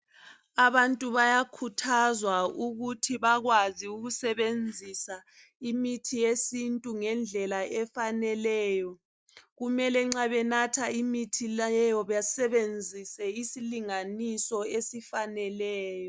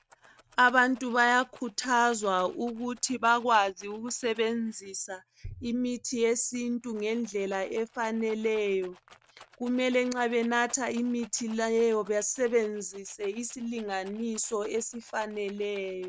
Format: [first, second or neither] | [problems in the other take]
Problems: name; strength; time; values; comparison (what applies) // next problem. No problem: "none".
first | noise reduction (neural mask model RNNoise)